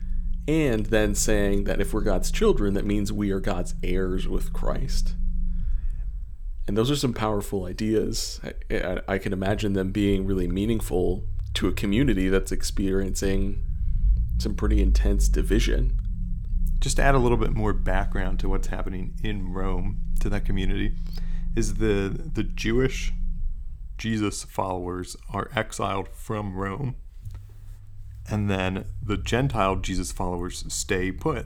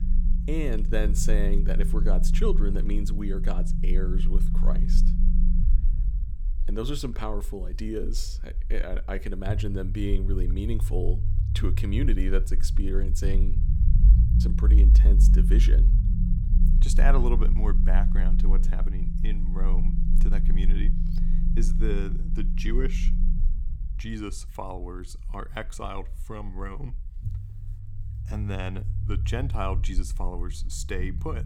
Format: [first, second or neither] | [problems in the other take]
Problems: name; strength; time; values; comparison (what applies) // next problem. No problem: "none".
first | low rumble; loud; throughout; 7 dB below the speech; faint in the first